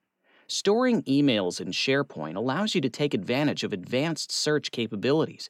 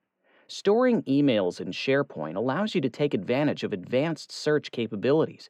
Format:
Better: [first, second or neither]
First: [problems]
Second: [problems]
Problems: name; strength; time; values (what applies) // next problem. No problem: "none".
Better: first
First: none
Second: muffled; slightly; fading above 3.5 kHz